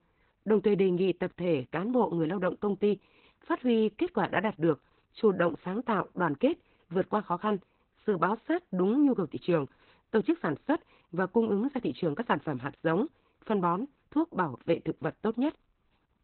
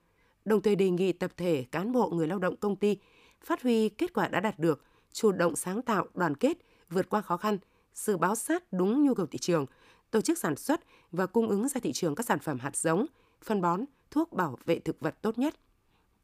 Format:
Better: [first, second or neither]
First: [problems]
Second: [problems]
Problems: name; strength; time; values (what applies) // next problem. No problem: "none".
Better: second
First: garbled, watery; badly; nothing above 4 kHz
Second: none